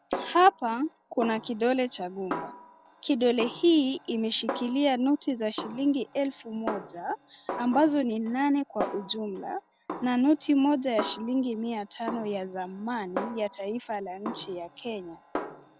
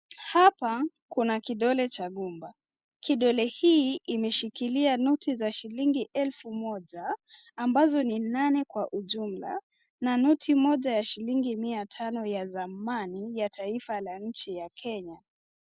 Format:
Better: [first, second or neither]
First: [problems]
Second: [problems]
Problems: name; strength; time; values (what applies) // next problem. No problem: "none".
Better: second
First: background sound (Snare drum); 12 dB below the speech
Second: none